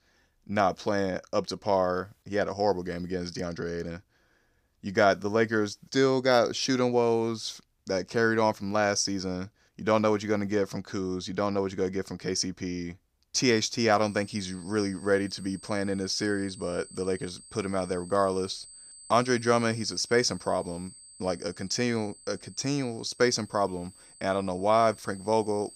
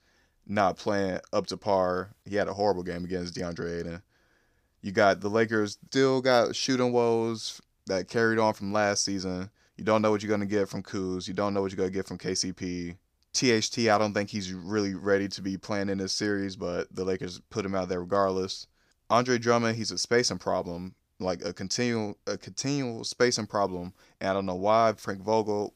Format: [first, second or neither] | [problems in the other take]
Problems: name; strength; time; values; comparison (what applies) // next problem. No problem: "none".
second | high-pitched whine; noticeable; from 14 s on; 8 kHz, 20 dB below the speech